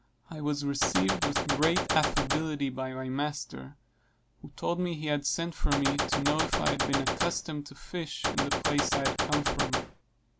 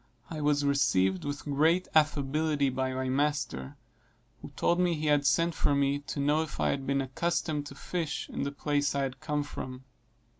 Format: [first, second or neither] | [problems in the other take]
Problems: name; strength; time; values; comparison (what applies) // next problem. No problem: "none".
second | background sound (Gunshot, gunfire); 2 dB above the speech